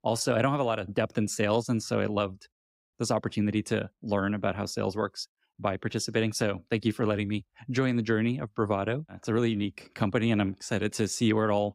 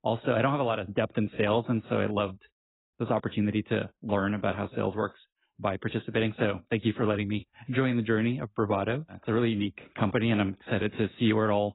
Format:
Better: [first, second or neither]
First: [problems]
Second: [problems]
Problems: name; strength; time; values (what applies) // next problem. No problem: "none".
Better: first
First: none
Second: garbled, watery; badly; nothing above 4 kHz